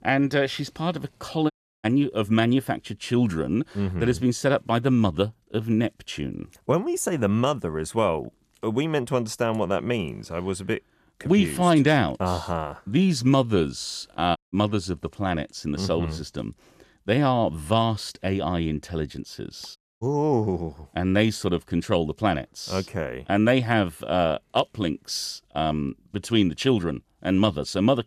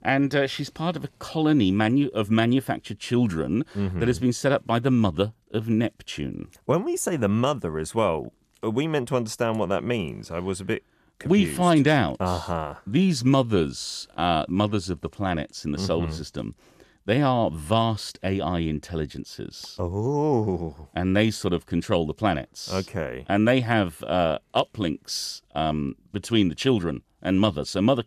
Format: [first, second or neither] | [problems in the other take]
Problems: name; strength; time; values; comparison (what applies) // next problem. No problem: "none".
second | audio cutting out; at 1.5 s, at 14 s and at 20 s